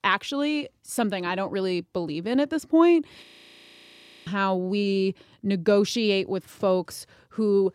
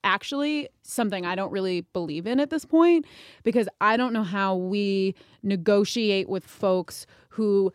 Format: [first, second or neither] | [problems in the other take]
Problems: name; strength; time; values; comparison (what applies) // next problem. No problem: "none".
second | audio freezing; at 3 s for 1 s